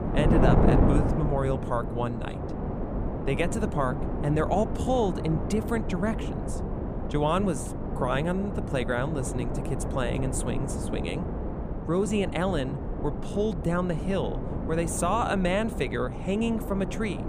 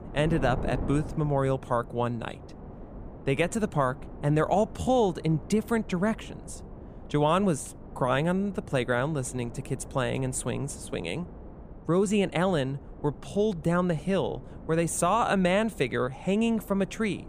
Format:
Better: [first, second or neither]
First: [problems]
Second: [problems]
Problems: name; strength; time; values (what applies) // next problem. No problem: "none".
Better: second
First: wind noise on the microphone; heavy; 5 dB below the speech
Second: wind noise on the microphone; occasional gusts; 20 dB below the speech